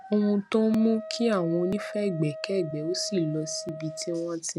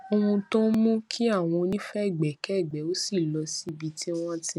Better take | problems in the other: second | background sound (Wind instrument, woodwind instrument); 13 dB below the speech

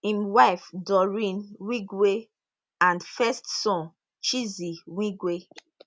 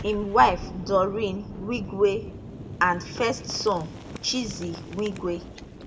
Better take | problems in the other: first | background sound (Boom); 11 dB below the speech // room echo; dies away in 1.4 s

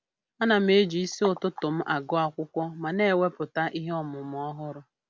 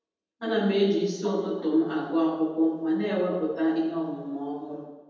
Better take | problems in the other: first | room echo; dies away in 1.1 s

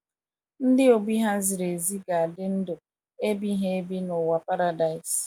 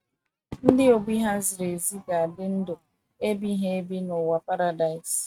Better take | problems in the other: first | noise reduction (neural mask model RNNoise)

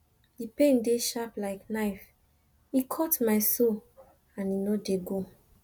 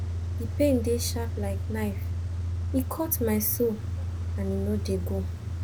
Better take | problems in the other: first | background sound (Idling / Engine starting / Accelerating, revving, vroom / Car); as loud as the speech

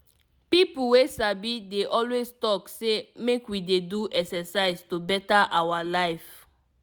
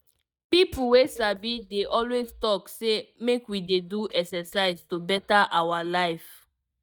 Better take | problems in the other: first | noise reduction (neural mask model DeepFilterNet 3)

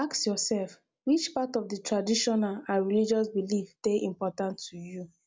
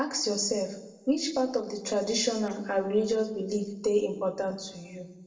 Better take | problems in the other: first | noise reduction (neural separator model SepFormer DNS4)

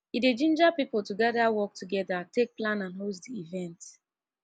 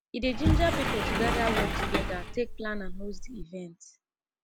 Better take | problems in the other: first | background sound (Sliding door); 4 dB above the speech

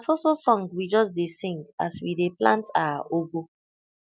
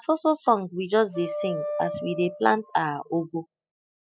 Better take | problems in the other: first | noise reduction (classical method spectral subtraction)

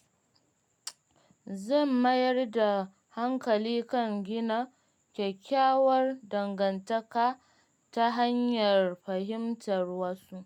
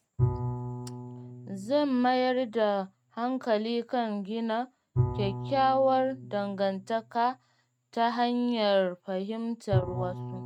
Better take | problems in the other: first | noise reduction (neural mask model RNNoise)

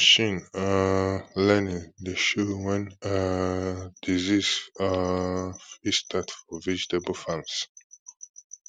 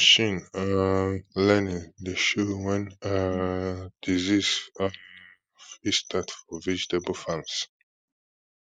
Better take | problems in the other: first | noise reduction (neural mask model Resemble Enhance denoiser)

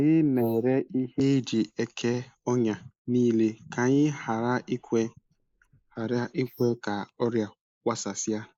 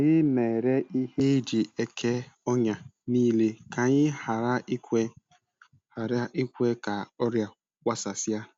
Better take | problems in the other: second | noise reduction (neural mask model Resemble Enhance denoiser)

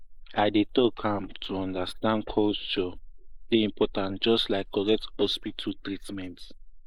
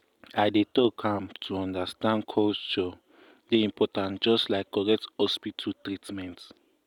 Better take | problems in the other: second | noise reduction (neural mask model Resemble Enhance denoiser)

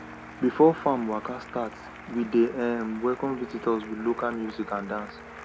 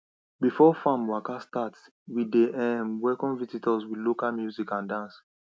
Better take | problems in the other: second | background sound (Applause + Piano); 15 dB below the speech

